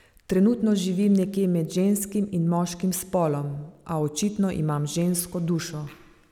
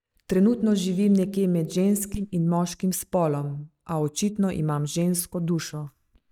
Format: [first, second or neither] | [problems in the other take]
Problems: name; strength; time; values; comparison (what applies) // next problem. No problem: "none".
first | noise reduction (neural mask model DeepFilterNet 3)